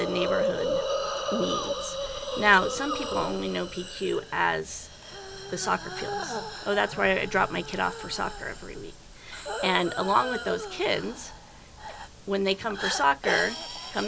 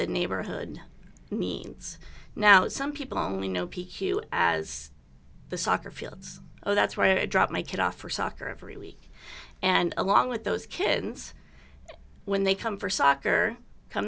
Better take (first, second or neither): second